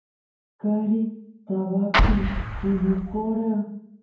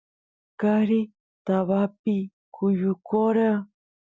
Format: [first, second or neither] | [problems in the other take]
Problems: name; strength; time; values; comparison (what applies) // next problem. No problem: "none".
second | background sound (Explosion); 2 dB above the speech // room echo; dies away in 0.9 s